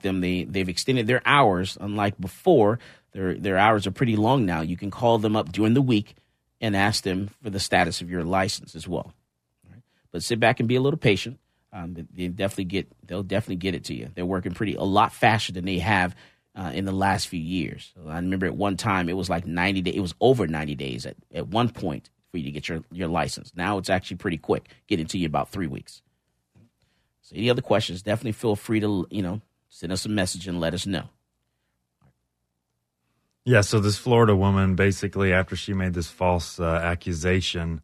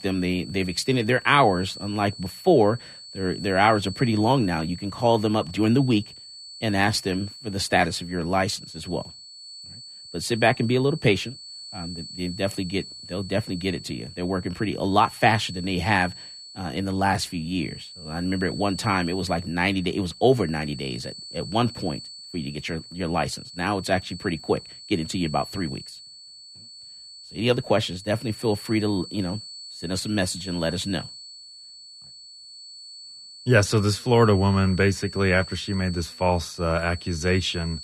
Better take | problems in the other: first | high-pitched whine; noticeable; throughout; 4.5 kHz, 15 dB below the speech

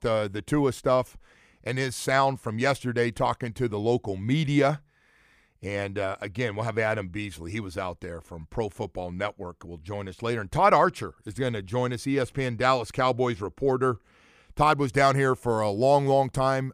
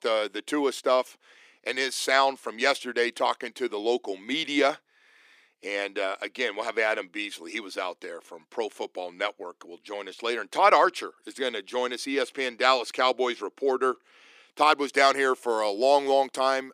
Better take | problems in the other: first | thin; somewhat; fading below 300 Hz

